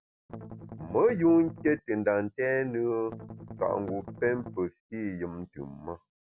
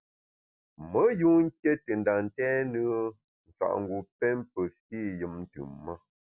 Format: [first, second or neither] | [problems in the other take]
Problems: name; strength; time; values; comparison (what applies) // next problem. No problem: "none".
second | background sound (Strum); 13 dB below the speech